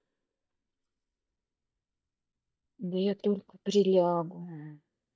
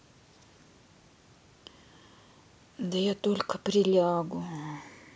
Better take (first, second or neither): second